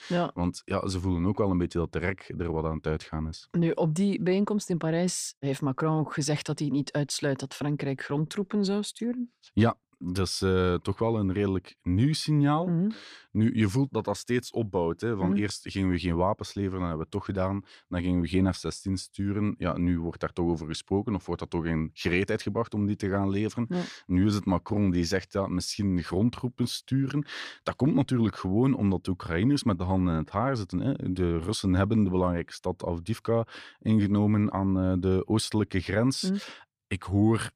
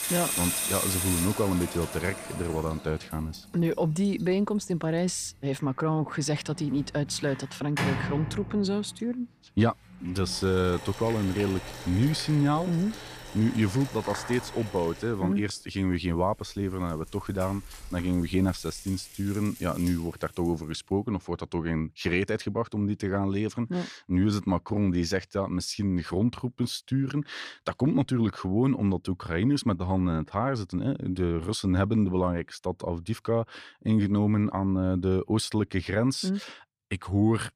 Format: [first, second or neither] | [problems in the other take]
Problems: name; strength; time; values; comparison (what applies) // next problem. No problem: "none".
first | household noises; loud; until 20 s; 7 dB below the speech